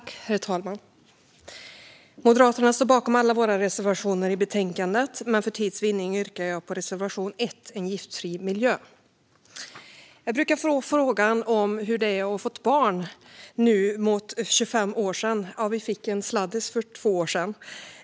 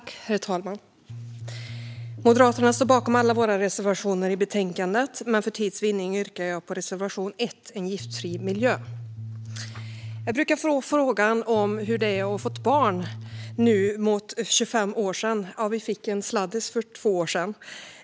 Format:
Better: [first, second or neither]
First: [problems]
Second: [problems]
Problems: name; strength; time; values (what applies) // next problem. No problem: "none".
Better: first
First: none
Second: background sound (Bass guitar); 11 dB below the speech